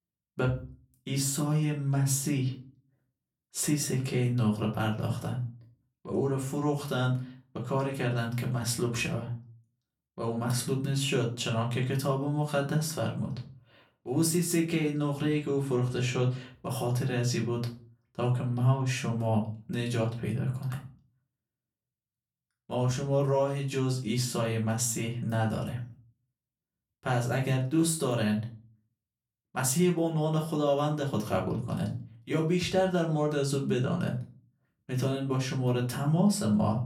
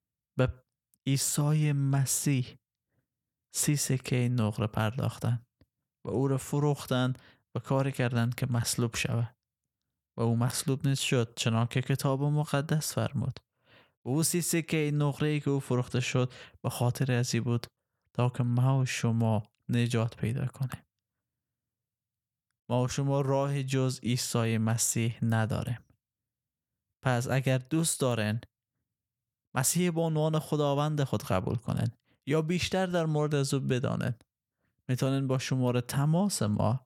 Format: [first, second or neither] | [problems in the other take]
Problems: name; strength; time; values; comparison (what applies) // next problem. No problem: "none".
second | off-mic speech; far // room echo; very slight; dies away in 0.3 s